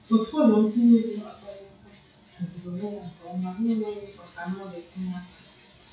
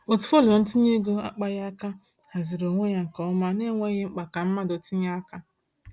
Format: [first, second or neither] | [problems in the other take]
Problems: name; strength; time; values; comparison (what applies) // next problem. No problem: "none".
second | noise reduction (classical method WPE with log-MMSE)